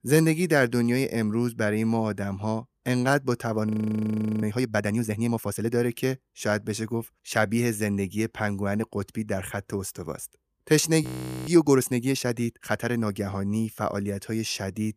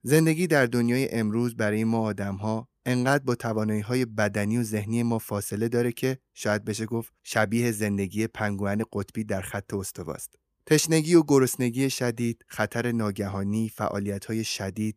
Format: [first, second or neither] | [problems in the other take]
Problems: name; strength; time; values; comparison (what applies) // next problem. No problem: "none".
second | audio freezing; at 3.5 s for 0.5 s and at 11 s